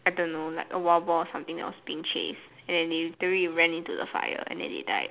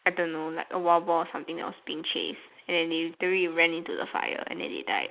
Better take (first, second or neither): first